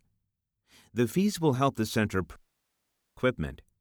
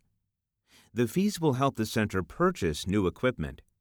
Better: second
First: audio cutting out; at 2.5 s for 1 s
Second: none

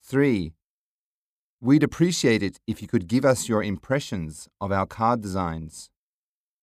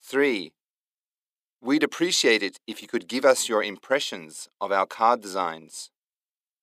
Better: first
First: none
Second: thin; somewhat; fading below 350 Hz

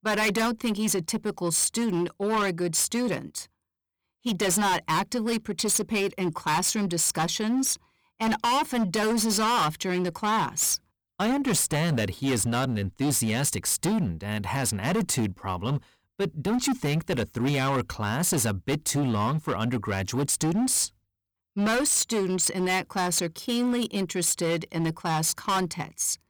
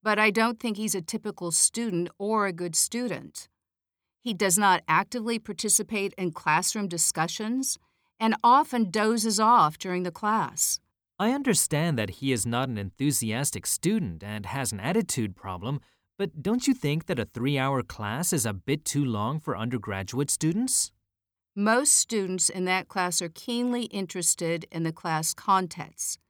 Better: second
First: distortion; heavy; 19% of the sound clipped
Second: none

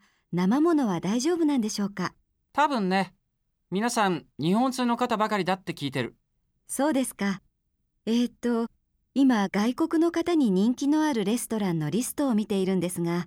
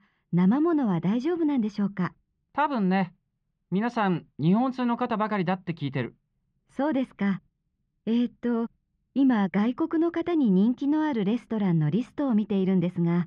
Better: first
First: none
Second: muffled; slightly; fading above 3 kHz

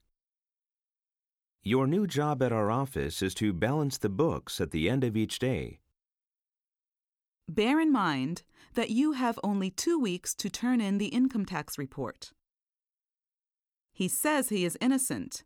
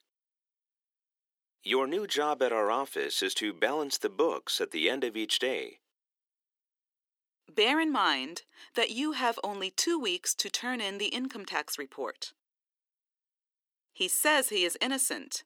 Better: first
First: none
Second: thin; somewhat; fading below 350 Hz

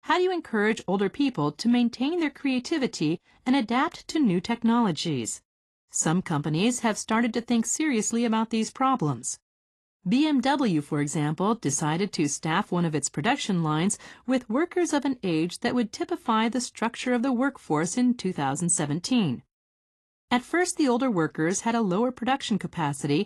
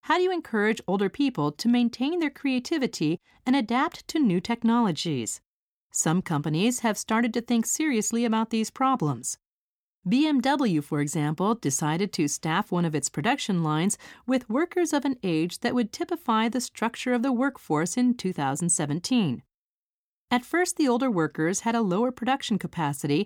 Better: second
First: garbled, watery; slightly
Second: none

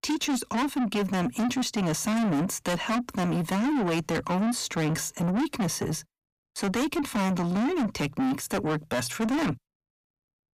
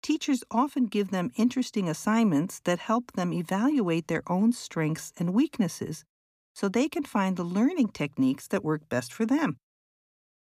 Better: second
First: distortion; heavy; 6 dB below the speech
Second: none

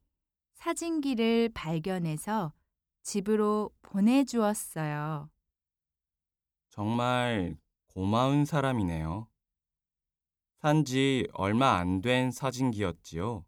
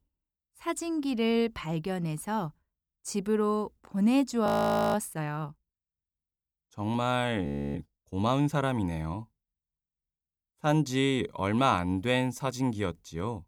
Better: first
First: none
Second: audio freezing; at 4.5 s and at 7.5 s

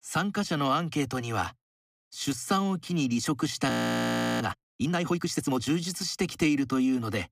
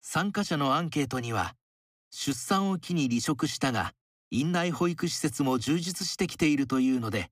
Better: second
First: audio freezing; at 3.5 s for 0.5 s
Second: none

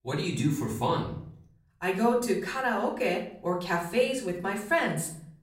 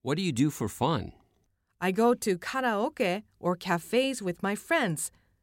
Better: second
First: off-mic speech; far // room echo; slight; dies away in 0.5 s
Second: none

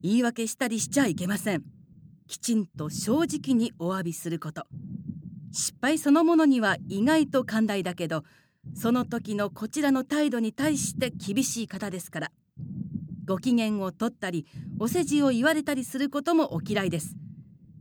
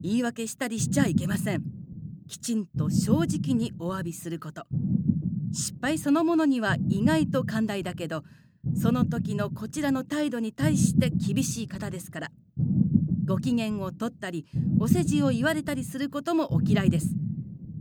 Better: first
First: low rumble; faint; throughout; 20 dB below the speech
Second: low rumble; loud; throughout; 5 dB below the speech

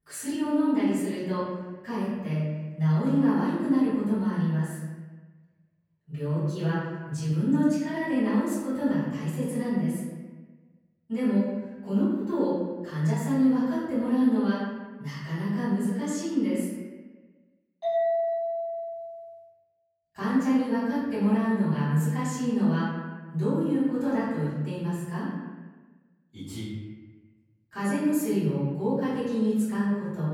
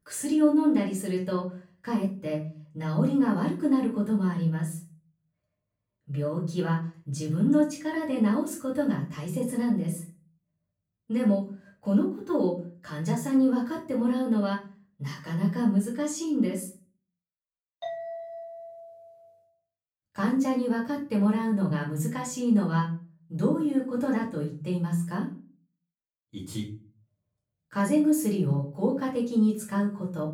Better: second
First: room echo; strong; dies away in 1.2 s // off-mic speech; far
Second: room echo; slight; dies away in 0.4 s // off-mic speech; far

